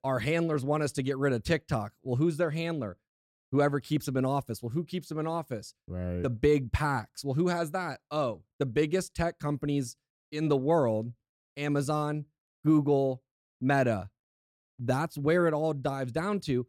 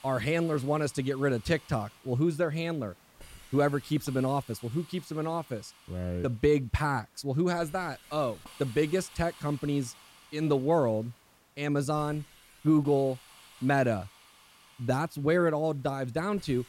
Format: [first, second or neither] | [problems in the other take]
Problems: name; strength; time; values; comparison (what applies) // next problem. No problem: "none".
first | hiss; faint; throughout; 25 dB below the speech